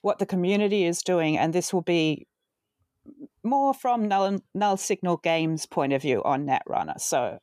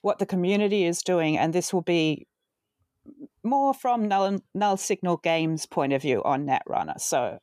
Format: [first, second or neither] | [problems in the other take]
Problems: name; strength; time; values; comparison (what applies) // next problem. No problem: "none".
neither | none